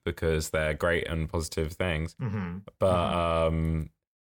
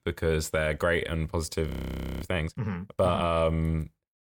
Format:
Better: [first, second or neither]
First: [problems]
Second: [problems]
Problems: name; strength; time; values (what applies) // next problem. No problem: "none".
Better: first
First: none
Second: audio freezing; at 1.5 s for 0.5 s